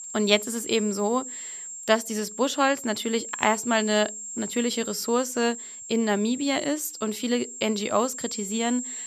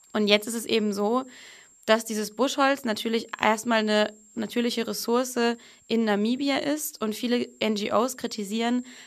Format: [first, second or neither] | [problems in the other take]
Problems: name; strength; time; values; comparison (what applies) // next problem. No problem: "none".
second | high-pitched whine; loud; throughout; 7.5 kHz, 9 dB below the speech; faint in the second